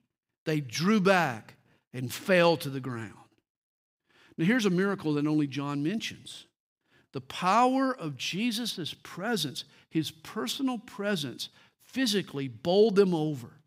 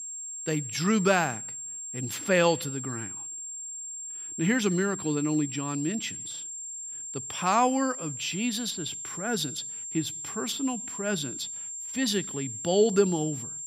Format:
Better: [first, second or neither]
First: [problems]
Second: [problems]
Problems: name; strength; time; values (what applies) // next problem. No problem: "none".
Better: first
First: none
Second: high-pitched whine; loud; throughout; 7.5 kHz, 6 dB below the speech